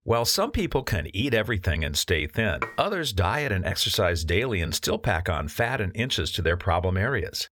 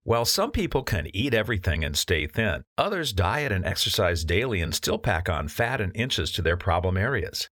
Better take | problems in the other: second | clattering dishes; noticeable; at 2.5 s; peak 8 dB below the speech

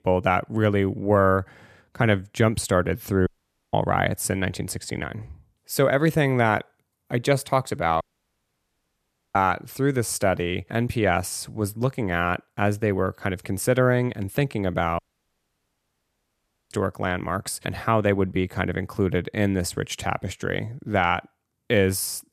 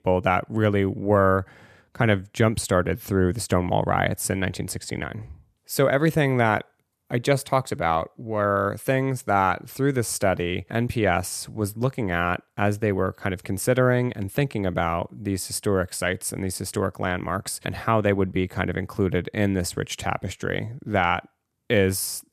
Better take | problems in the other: second | audio cutting out; at 3.5 s, at 8 s for 1.5 s and at 15 s for 1.5 s

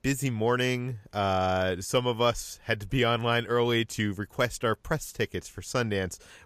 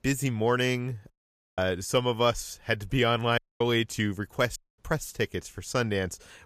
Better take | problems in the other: first | audio cutting out; at 1 s, at 3.5 s and at 4.5 s

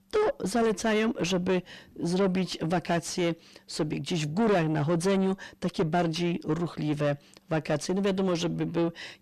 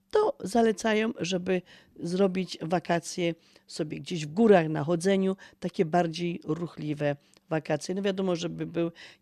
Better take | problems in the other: second | distortion; heavy; 6 dB below the speech

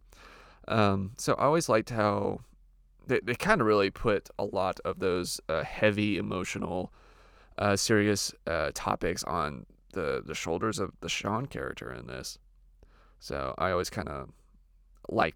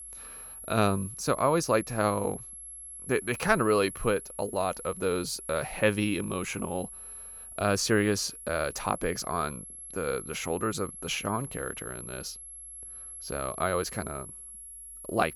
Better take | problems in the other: first | high-pitched whine; noticeable; throughout; 11 kHz, 10 dB below the speech

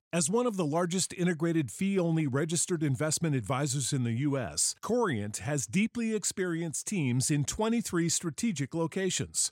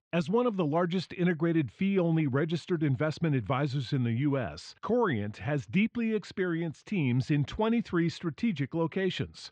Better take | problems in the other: first | muffled; very; fading above 3.5 kHz

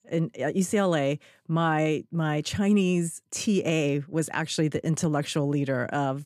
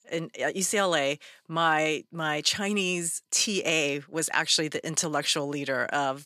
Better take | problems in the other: first | thin; somewhat; fading below 1 kHz

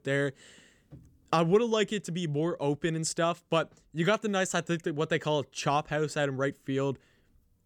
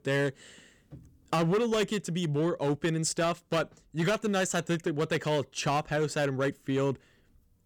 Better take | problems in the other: first | distortion; slight; 9% of the sound clipped

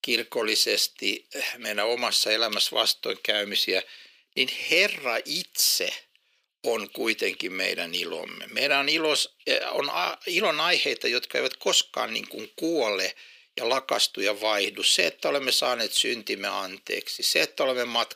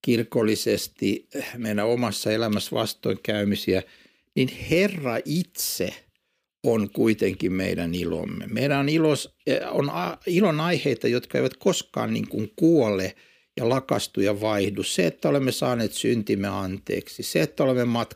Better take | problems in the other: second | thin; somewhat; fading below 600 Hz

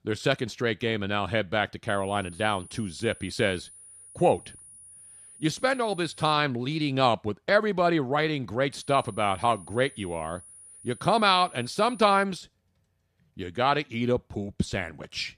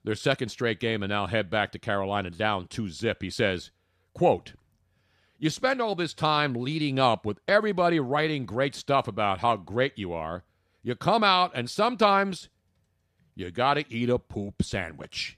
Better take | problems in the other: second | high-pitched whine; faint; from 2 to 6.5 s and from 8.5 to 12 s; 9.5 kHz, 20 dB below the speech

